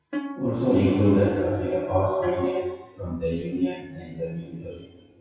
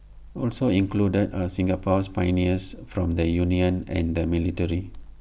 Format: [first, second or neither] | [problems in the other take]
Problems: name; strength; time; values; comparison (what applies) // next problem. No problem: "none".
second | noise reduction (classical method WPE with log-MMSE)